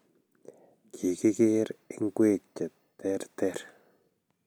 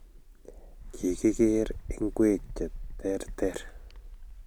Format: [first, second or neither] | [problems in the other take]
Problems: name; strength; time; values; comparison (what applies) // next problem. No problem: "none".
first | background sound (Bird); 10 dB below the speech